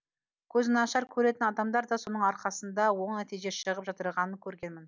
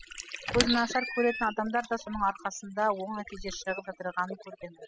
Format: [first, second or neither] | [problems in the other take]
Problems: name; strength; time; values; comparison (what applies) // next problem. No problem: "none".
first | noise reduction (classical method spectral subtraction)